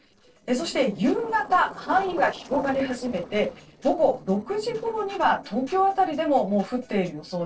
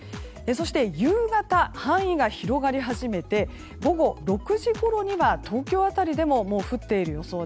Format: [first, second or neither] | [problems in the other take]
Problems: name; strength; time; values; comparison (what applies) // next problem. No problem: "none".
second | noise reduction (neural separator model SepFormer DNS4)